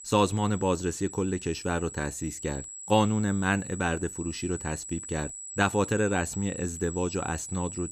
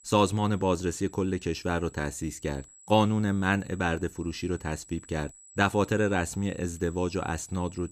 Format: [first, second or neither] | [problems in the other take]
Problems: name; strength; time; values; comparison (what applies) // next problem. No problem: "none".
second | high-pitched whine; loud; throughout; 8 kHz, 10 dB below the speech; faint in the second